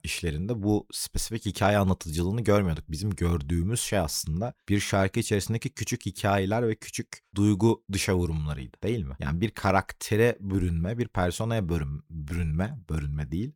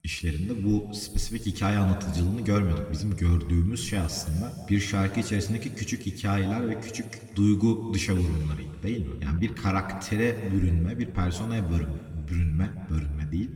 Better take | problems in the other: first | room echo; noticeable; dies away in 1.9 s // off-mic speech; somewhat distant

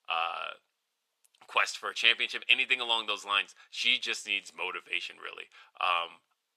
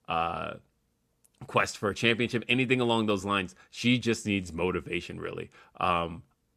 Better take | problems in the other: second | thin; very; fading below 900 Hz

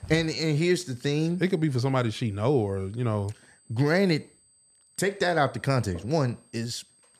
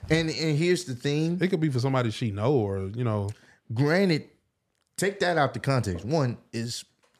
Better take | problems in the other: second | high-pitched whine; faint; throughout; 8 kHz, 30 dB below the speech

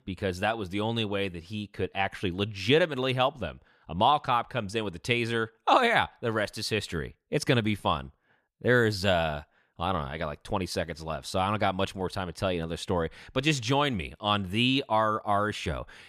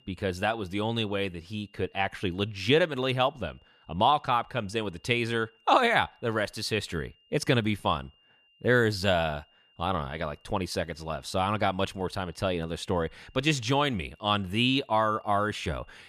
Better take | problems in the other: first | high-pitched whine; faint; throughout; 3 kHz, 35 dB below the speech

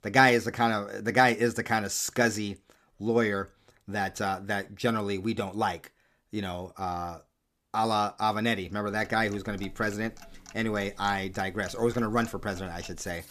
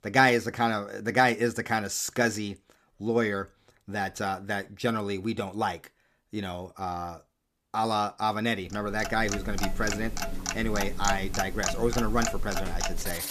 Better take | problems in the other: first | household noises; loud; from 9 s on; 4 dB below the speech; faint in the first

